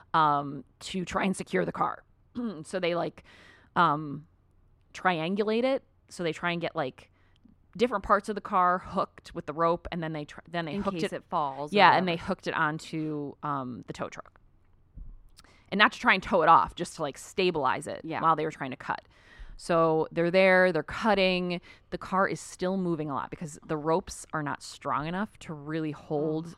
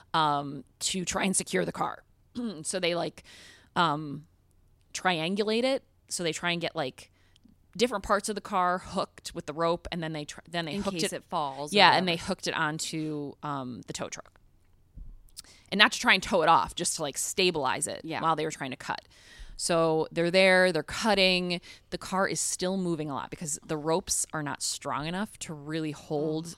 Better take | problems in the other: second | muffled; slightly; fading above 3.5 kHz

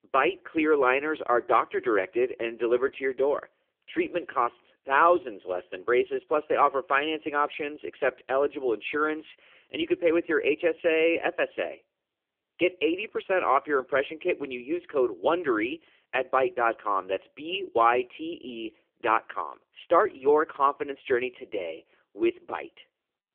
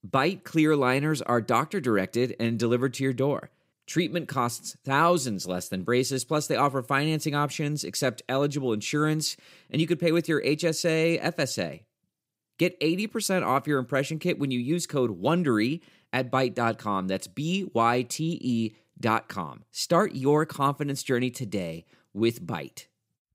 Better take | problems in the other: second | phone-call audio; poor line

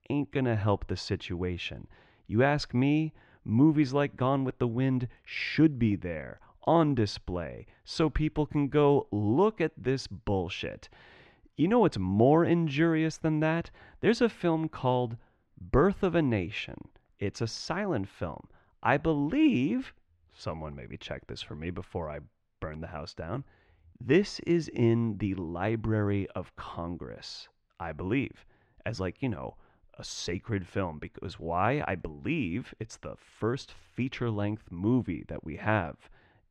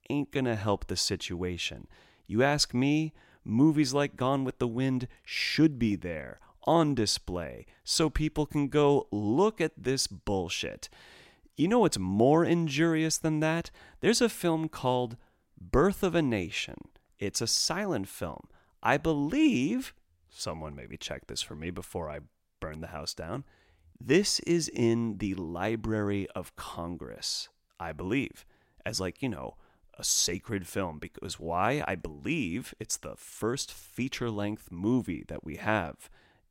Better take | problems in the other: second | muffled; slightly; fading above 3 kHz

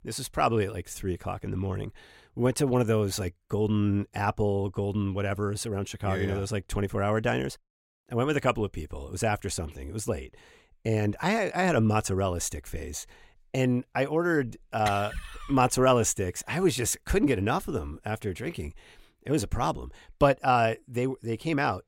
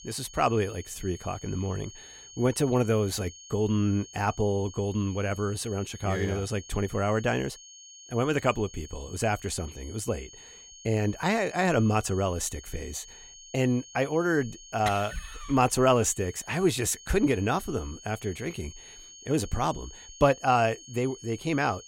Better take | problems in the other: first | high-pitched whine; noticeable; throughout; 6.5 kHz, 20 dB below the speech

